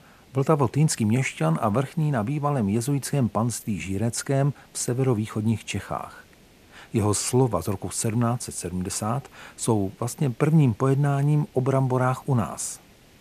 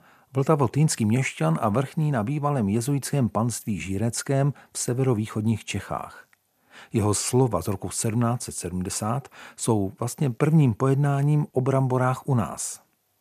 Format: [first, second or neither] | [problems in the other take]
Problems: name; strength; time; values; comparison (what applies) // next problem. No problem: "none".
second | hiss; faint; throughout; 30 dB below the speech